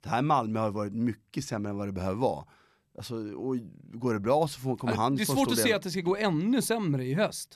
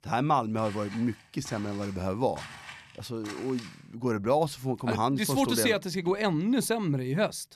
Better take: first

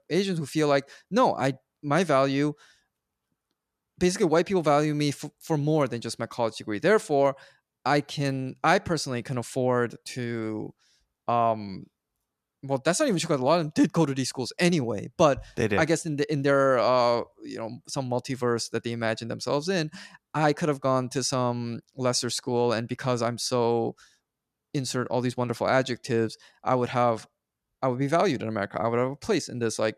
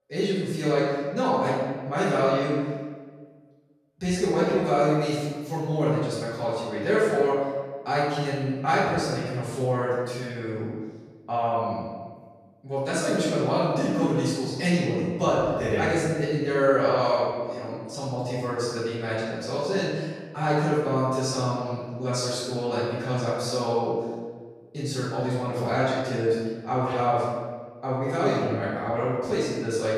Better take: first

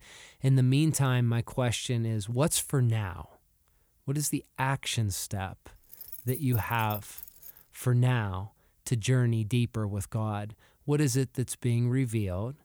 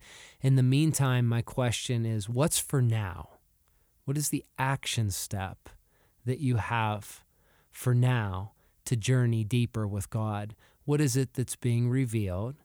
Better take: second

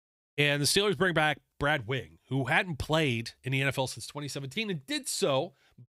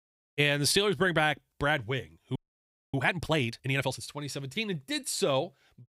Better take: first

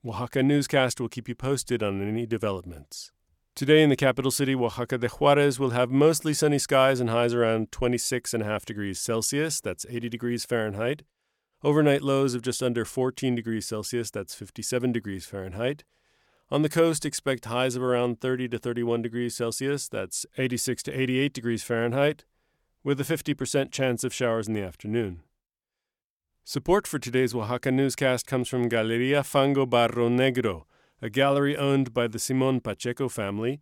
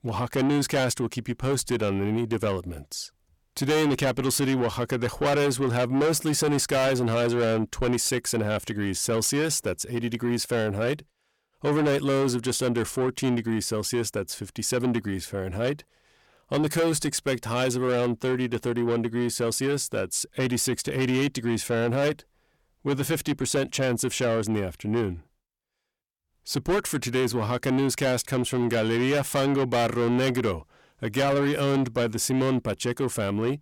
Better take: first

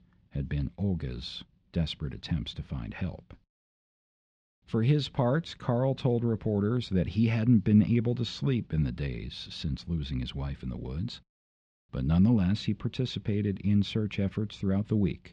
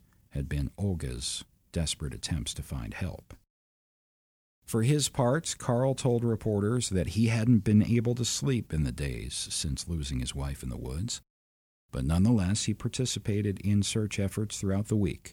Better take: second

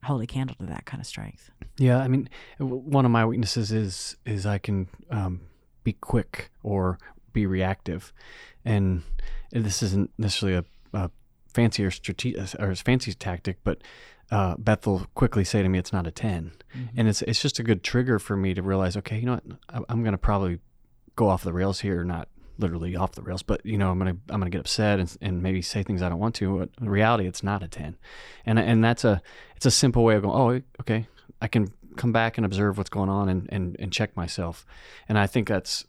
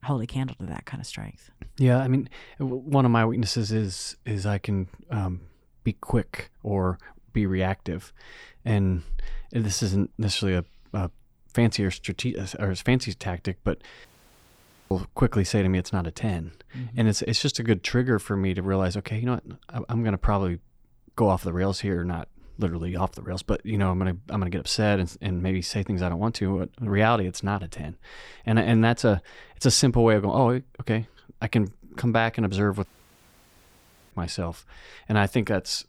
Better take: first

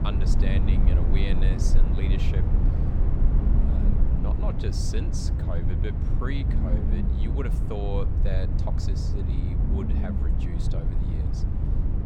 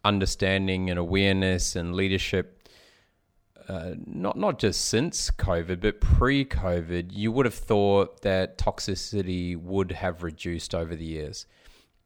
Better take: second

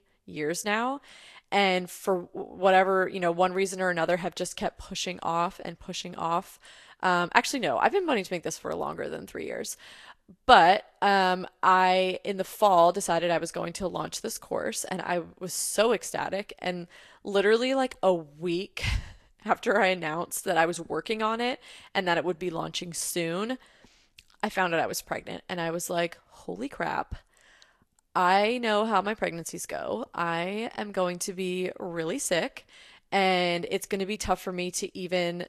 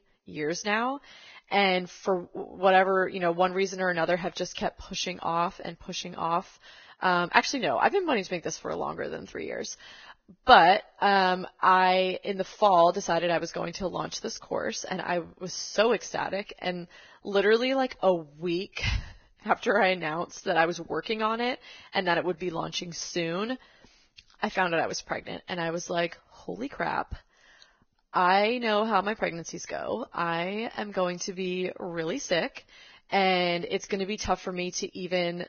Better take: first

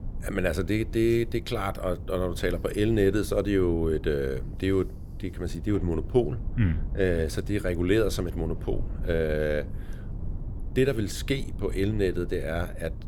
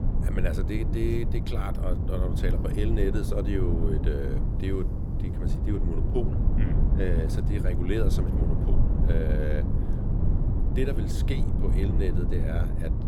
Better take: first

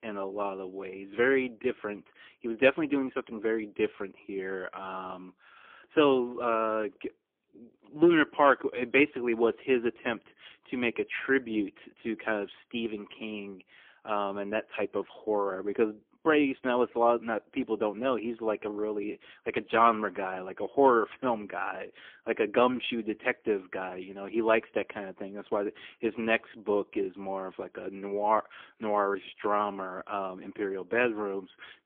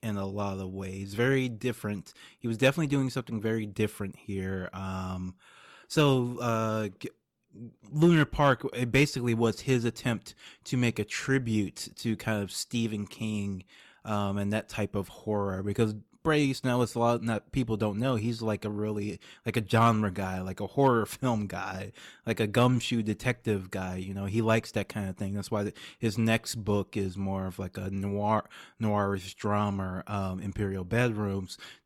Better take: second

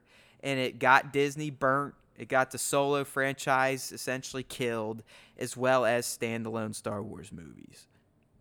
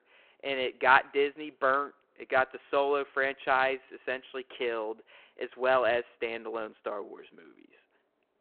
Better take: first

